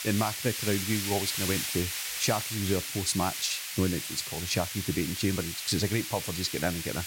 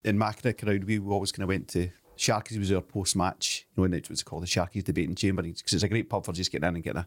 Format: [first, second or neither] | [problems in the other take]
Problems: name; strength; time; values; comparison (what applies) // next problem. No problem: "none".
second | hiss; loud; throughout; 2 dB below the speech